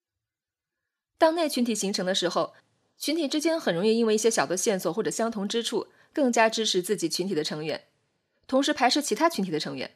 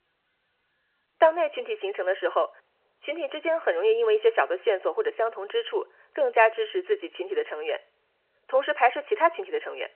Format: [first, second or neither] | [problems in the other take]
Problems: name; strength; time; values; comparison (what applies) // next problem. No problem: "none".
first | phone-call audio; nothing above 3 kHz